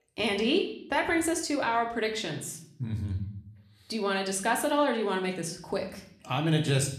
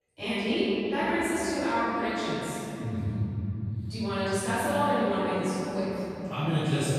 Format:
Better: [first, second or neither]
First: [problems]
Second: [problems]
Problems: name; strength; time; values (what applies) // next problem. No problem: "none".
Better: first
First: room echo; slight; dies away in 0.5 s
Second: room echo; strong; dies away in 3 s // off-mic speech; far